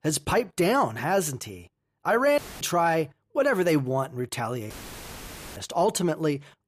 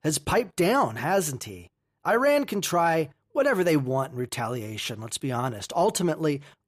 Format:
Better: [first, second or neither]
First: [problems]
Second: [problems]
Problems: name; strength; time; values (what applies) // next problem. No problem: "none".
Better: second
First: audio cutting out; filled with static; at 2.5 s and at 4.5 s for 1 s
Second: none